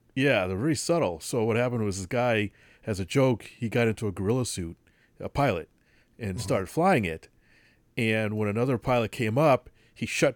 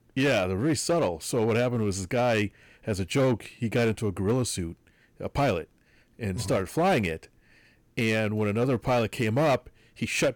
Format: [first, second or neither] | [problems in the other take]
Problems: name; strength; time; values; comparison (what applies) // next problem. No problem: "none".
first | distortion; slight; 8% of the sound clipped